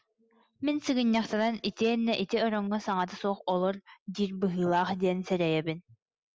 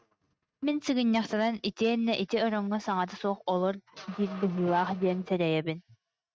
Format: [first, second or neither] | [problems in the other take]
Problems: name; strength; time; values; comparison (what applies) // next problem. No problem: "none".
first | noise reduction (neural mask model RNNoise)